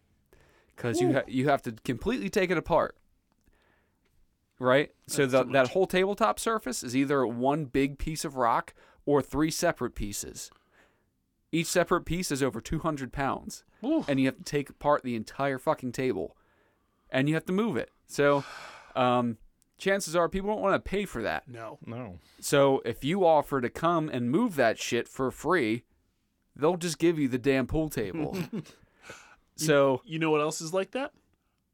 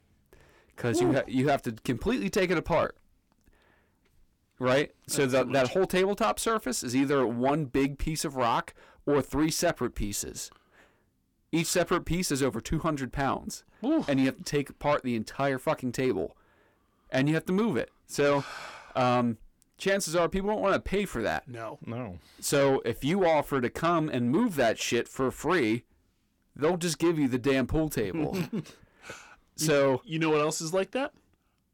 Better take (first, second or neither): first